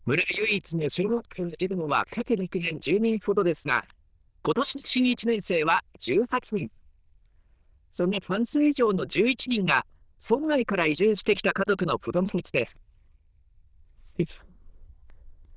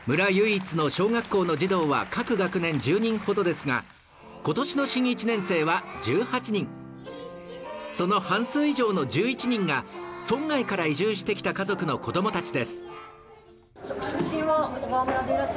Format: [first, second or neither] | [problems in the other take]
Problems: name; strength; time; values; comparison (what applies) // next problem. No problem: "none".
second | noise reduction (neural diffusion model UNIVERSE++)